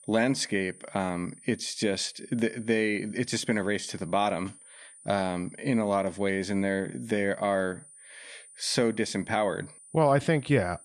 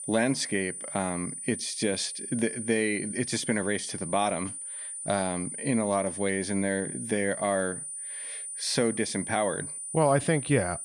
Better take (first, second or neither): first